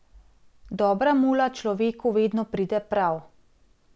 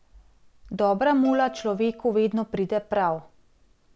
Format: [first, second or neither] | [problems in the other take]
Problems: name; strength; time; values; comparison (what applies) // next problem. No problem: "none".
first | background sound (Bowed string instrument); 17 dB below the speech